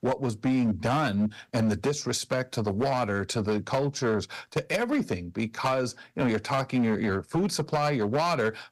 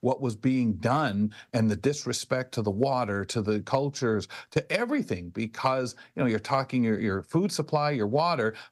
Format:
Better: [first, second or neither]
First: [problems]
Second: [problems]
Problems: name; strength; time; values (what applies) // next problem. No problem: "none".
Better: second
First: distortion; slight; 10% of the sound clipped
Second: none